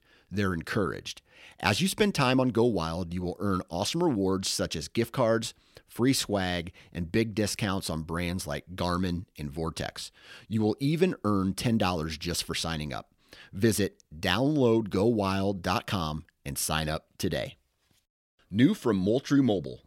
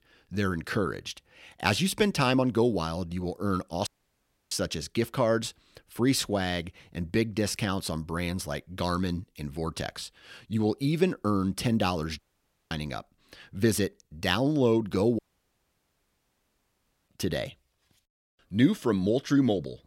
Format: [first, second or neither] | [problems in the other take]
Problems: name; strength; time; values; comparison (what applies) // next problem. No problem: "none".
first | audio cutting out; at 4 s for 0.5 s, at 12 s for 0.5 s and at 15 s for 2 s